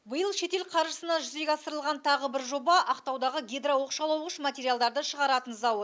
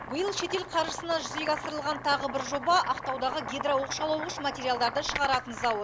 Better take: first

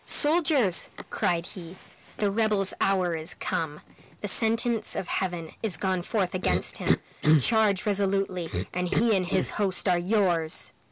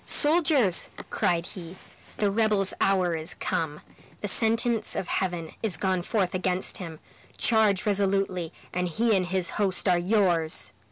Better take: second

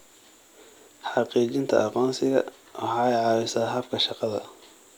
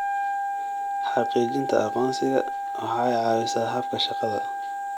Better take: first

